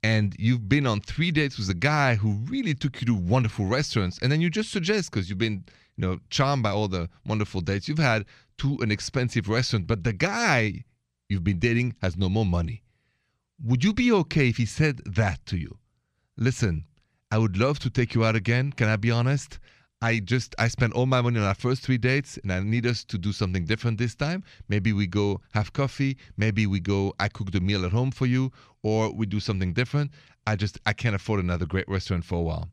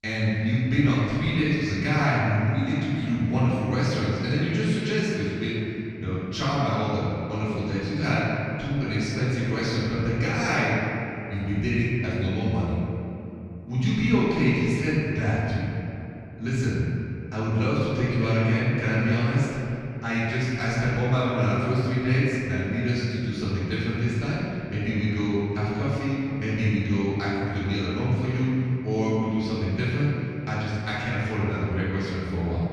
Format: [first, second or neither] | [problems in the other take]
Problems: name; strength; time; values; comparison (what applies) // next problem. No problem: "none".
first | room echo; strong; dies away in 2.8 s // off-mic speech; far